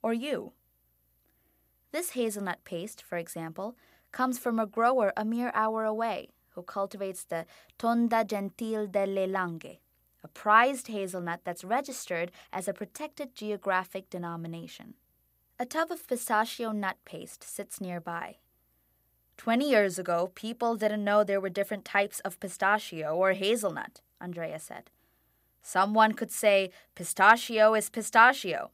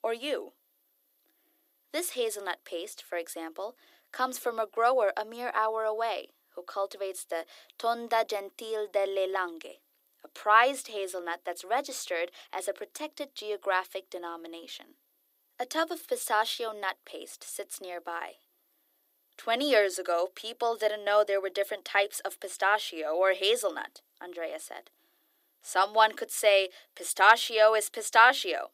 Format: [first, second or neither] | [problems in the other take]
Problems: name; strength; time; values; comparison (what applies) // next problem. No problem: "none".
first | thin; somewhat; fading below 300 Hz